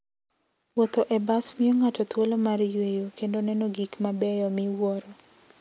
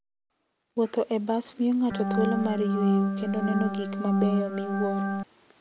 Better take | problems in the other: first | background sound (Organ); 1 dB above the speech

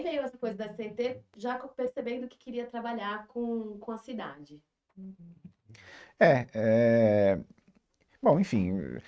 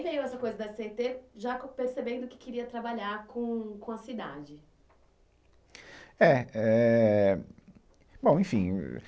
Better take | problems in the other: second | noise reduction (neural mask model RNNoise)

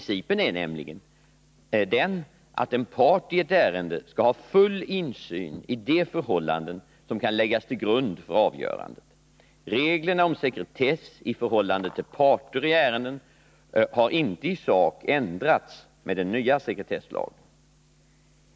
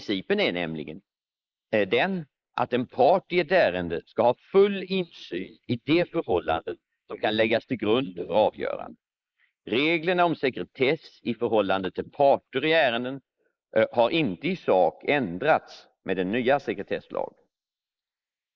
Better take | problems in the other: first | noise reduction (neural mask model Resemble Enhance denoiser)

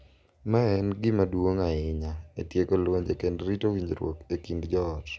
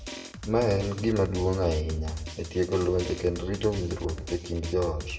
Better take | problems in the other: first | background sound (Drum); 12 dB below the speech // room echo; dies away in 0.6 s

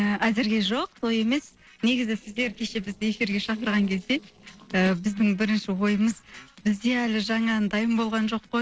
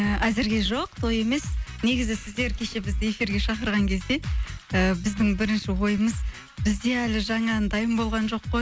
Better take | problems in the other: second | noise reduction (neural separator model SepFormer DNS4)

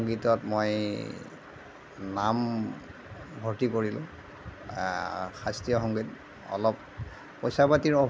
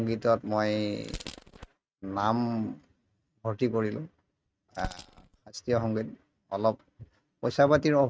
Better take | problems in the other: first | noise reduction (neural mask model RNNoise)

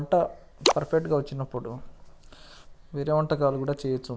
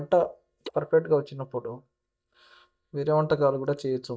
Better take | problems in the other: first | noise reduction (neural mask model DeepFilterNet 3)

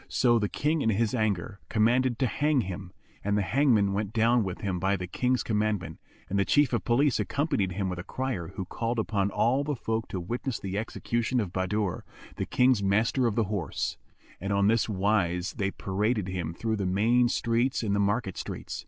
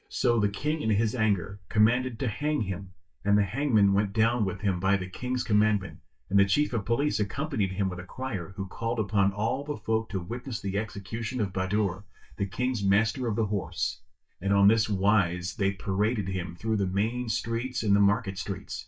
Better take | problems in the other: first | noise reduction (neural mask model DeepFilterNet 3)

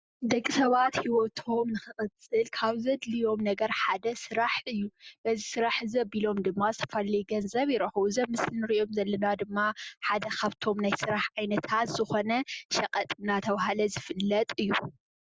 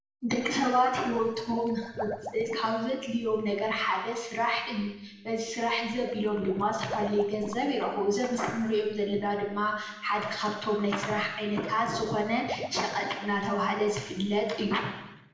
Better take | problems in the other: first | background sound (Liquid); 14 dB below the speech // room echo; dies away in 1 s

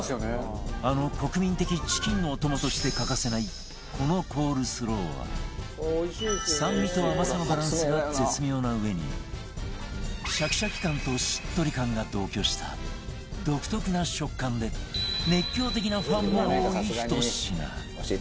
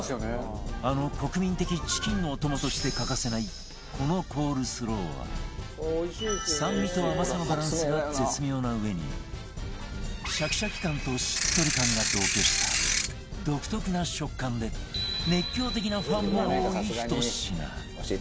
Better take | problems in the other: first | background sound (Ratchet, pawl / Percussion); 2 dB above the speech

